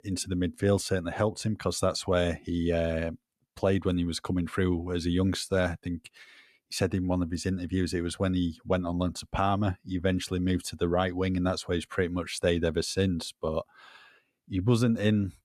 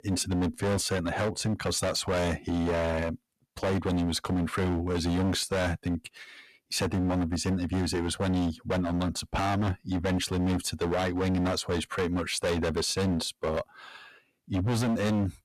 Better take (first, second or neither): first